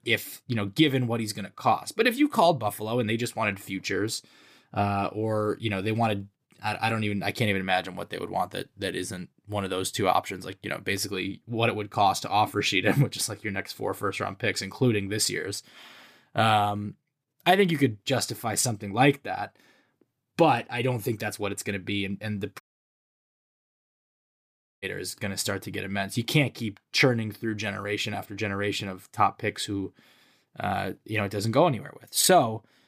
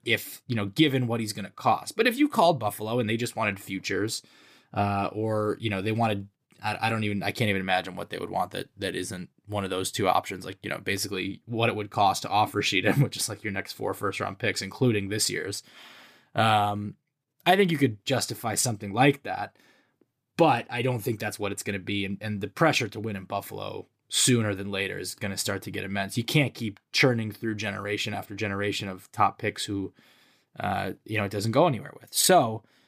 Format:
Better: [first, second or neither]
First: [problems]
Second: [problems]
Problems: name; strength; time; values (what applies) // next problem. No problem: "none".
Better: second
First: audio cutting out; at 23 s for 2 s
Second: none